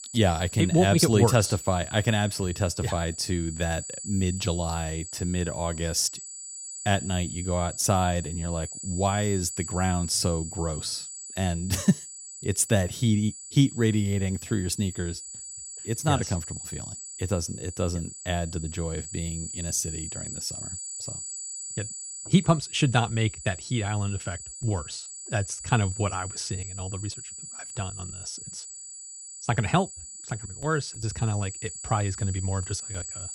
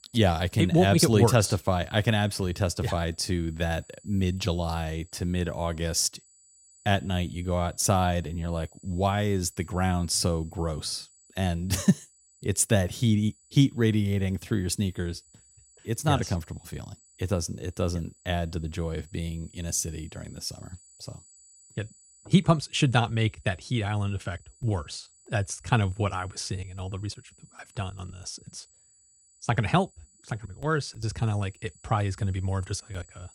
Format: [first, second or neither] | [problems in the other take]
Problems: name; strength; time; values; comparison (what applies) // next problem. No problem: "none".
second | high-pitched whine; loud; throughout; 8 kHz, 9 dB below the speech; faint in the second